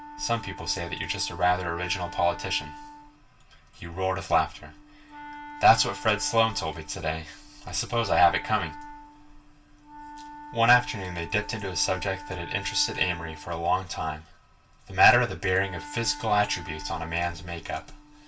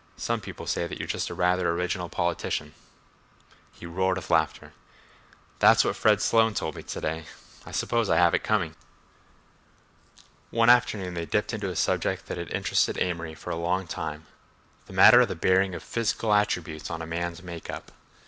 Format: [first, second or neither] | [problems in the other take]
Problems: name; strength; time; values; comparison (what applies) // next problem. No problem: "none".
second | background sound (Wind instrument, woodwind instrument); 16 dB below the speech // room echo; dies away in 0.2 s